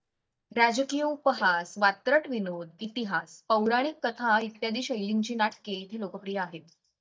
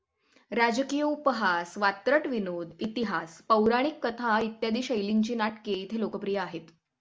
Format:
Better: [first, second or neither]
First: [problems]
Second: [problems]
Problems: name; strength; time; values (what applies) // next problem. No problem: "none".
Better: second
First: noise reduction (neural mask model DeepFilterNet 3)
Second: none